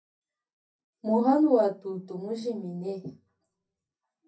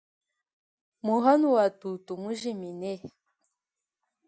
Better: second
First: room echo; dies away in 0.3 s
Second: none

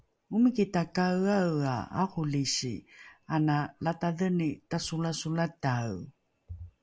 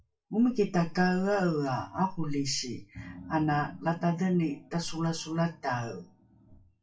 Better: first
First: none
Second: noise reduction (classical method WPE with log-MMSE)

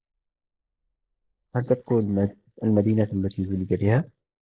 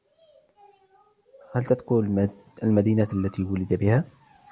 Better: second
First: noise reduction (neural mask model Resemble Enhance denoiser)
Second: none

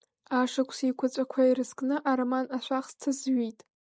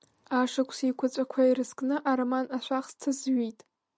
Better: second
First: noise reduction (neural mask model Resemble Enhance denoiser)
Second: none

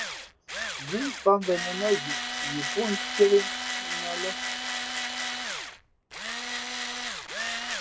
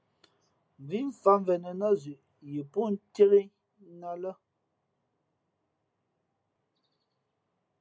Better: second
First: background sound (Tools); 3 dB below the speech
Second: none

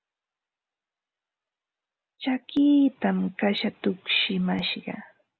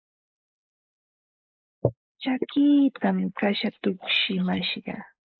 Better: first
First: none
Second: noise reduction (neural mask model Resemble Enhance denoiser)

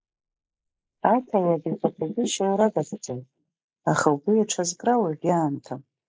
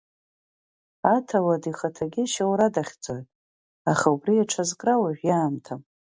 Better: second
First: noise reduction (neural mask model Resemble Enhance denoiser)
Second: none

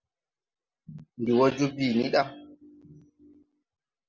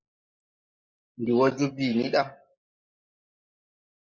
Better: first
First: none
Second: noise reduction (neural mask model Resemble Enhance denoiser)

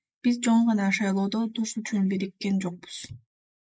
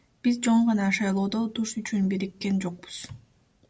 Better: second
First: noise reduction (neural mask model Resemble Enhance denoiser)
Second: none

